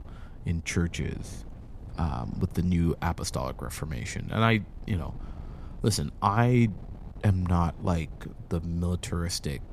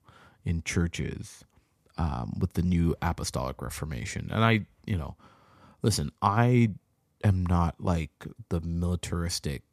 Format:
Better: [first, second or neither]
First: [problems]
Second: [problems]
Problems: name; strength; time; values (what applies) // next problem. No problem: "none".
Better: second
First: wind noise on the microphone; occasional gusts; 25 dB below the speech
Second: none